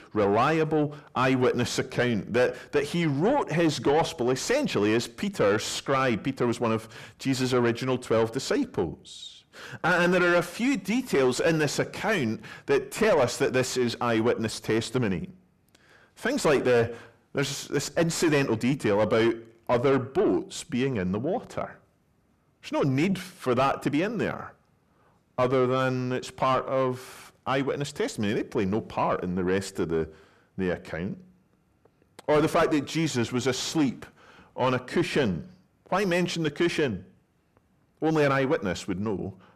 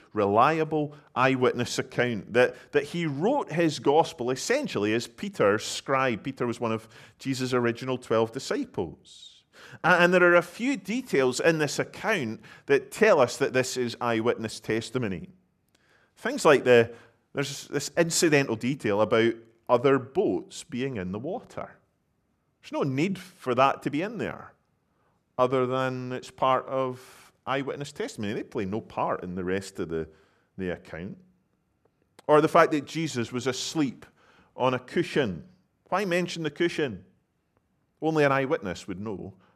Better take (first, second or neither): second